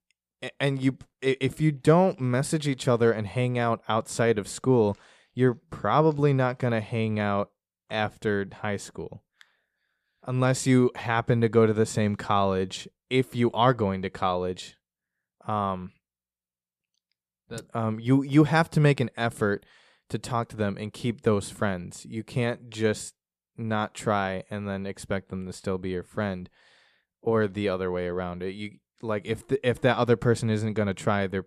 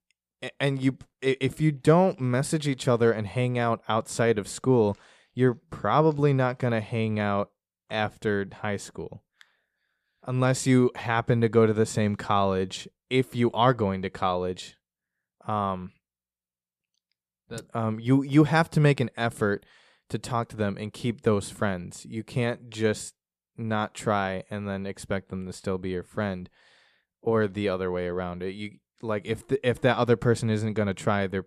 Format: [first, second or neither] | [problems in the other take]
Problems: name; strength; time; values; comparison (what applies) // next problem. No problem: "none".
neither | none